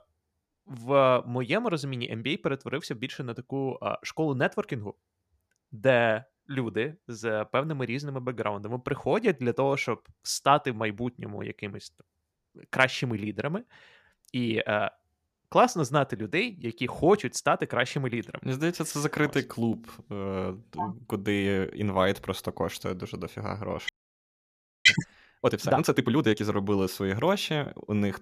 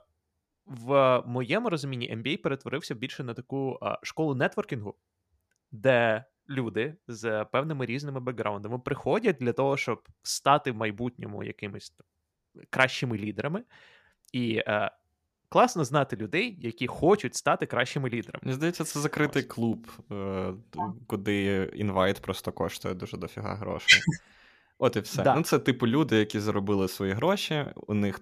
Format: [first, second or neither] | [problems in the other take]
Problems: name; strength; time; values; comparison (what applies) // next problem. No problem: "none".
second | audio freezing; at 24 s for 1 s